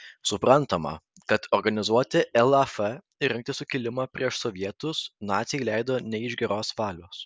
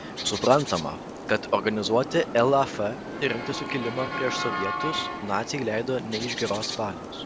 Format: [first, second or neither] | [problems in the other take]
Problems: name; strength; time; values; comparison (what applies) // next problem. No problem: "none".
first | background sound (Motor vehicle (road) / Siren + Bird); 7 dB below the speech